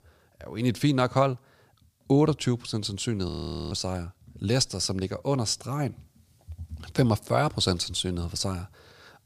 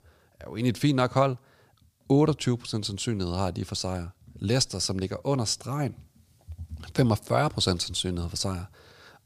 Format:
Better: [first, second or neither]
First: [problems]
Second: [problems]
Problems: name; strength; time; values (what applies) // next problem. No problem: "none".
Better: second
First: audio freezing; at 3.5 s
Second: none